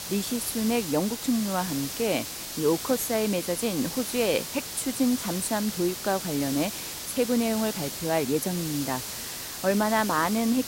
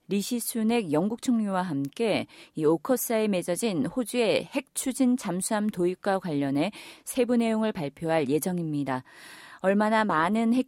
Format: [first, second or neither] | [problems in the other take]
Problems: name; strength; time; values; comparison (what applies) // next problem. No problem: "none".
second | hiss; loud; throughout; 6 dB below the speech